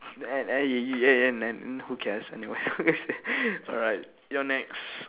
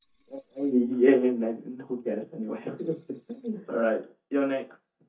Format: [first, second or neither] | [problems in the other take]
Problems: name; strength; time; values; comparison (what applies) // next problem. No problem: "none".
first | noise reduction (neural mask model DeepFilterNet 3)